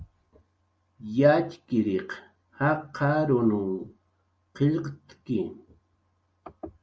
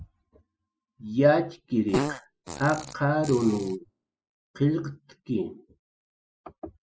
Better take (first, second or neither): first